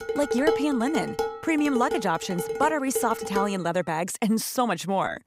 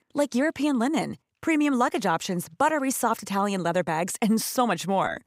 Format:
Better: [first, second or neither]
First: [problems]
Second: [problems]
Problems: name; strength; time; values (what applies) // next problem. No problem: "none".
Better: second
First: clattering dishes; loud; until 3.5 s; peak level with the speech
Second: none